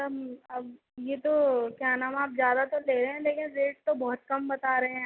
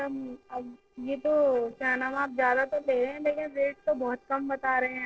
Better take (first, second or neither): first